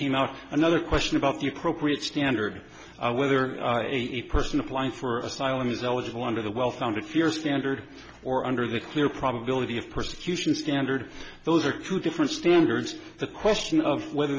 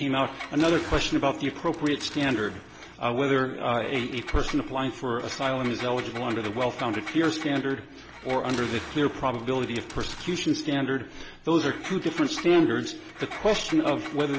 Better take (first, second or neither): first